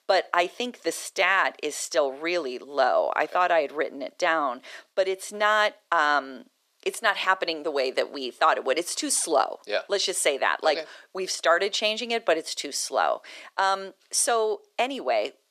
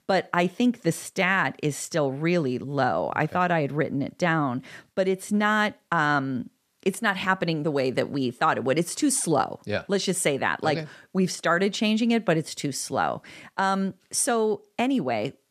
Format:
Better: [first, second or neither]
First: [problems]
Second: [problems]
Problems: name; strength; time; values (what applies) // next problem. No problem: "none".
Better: second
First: thin; very; fading below 350 Hz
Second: none